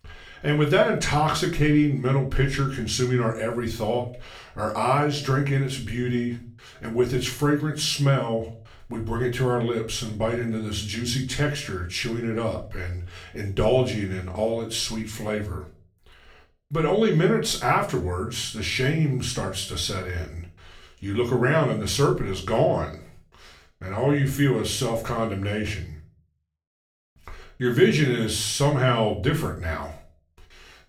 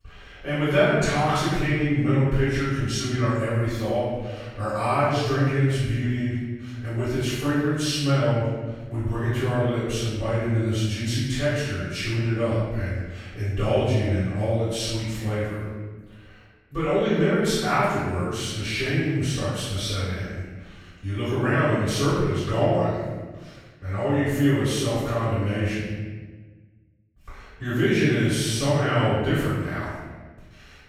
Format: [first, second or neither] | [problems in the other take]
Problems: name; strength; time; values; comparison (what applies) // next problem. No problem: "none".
first | room echo; strong; dies away in 1.3 s; slight in the first // off-mic speech; far; somewhat distant in the first